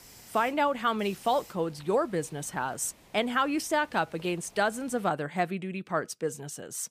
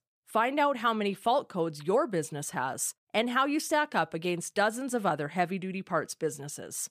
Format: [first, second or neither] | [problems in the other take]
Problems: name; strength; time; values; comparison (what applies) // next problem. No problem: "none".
second | hiss; faint; until 5 s; 25 dB below the speech